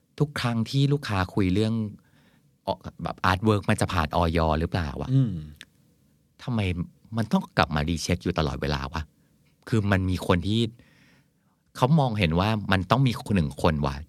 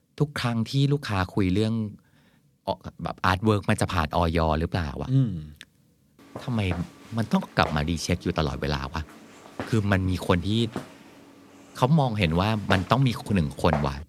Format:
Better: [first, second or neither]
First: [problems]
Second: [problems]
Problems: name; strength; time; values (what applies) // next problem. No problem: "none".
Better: first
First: none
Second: footsteps; noticeable; from 6.5 s on; peak 7 dB below the speech